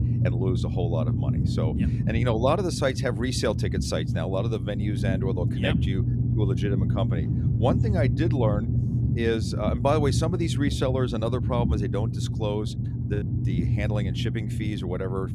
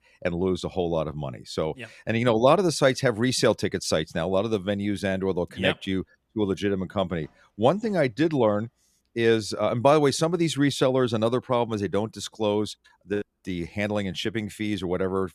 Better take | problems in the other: second | low rumble; loud; throughout; 7 dB below the speech

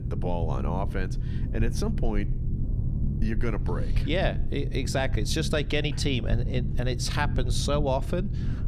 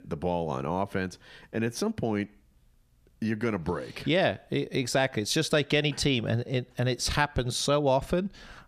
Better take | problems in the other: second | low rumble; noticeable; throughout; 10 dB below the speech

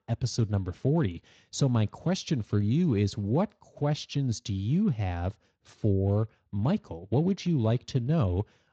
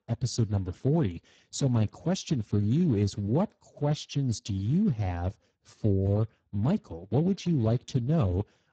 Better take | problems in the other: first | garbled, watery; badly; nothing above 7.5 kHz; slightly in the first

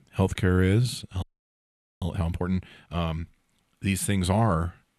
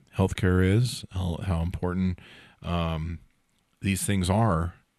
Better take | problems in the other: second | audio freezing; at 1 s for 1 s

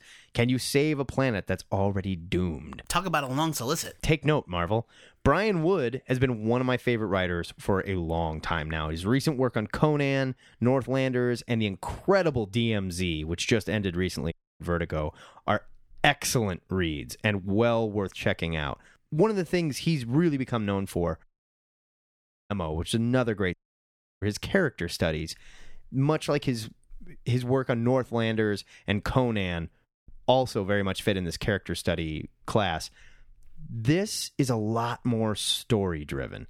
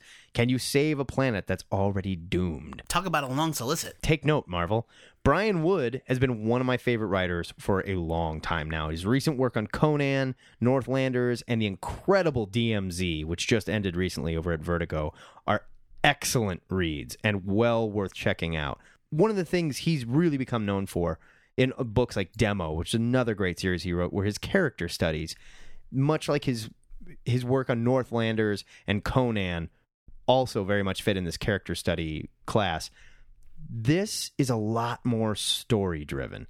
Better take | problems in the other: second | audio cutting out; at 14 s, at 21 s for 1.5 s and at 24 s for 0.5 s

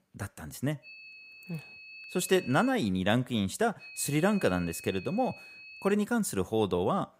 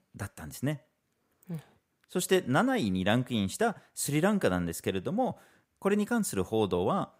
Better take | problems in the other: second | high-pitched whine; noticeable; from 1 to 2.5 s and from 4 to 6 s; 2.5 kHz, 15 dB below the speech

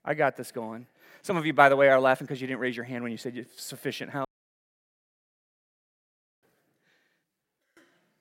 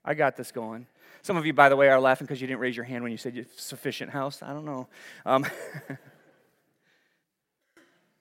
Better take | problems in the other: second | audio cutting out; at 4.5 s for 2 s

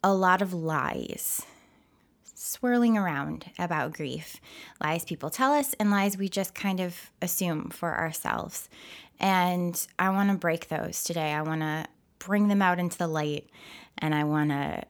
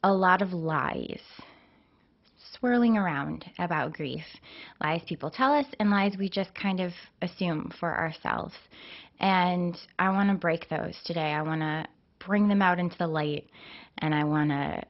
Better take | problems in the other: first | garbled, watery; badly; nothing above 5.5 kHz

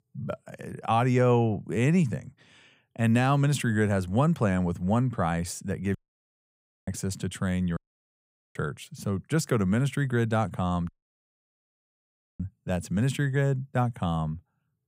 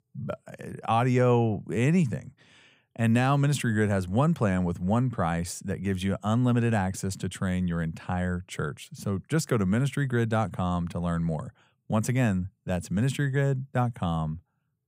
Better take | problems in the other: second | audio cutting out; at 6 s for 1 s, at 8 s for 1 s and at 11 s for 1.5 s

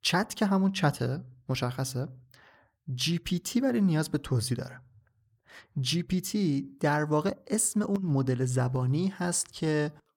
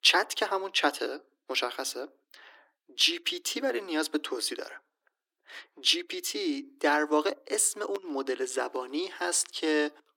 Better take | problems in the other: first | thin; very; fading below 300 Hz

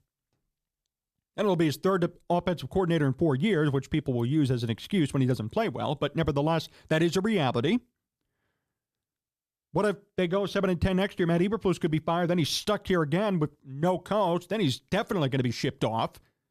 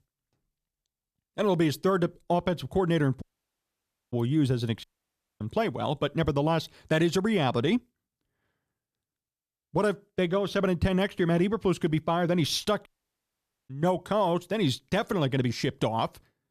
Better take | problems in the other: first | audio cutting out; at 3 s for 1 s, at 5 s for 0.5 s and at 13 s for 1 s

